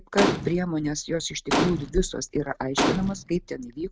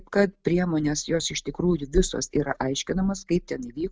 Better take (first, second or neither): second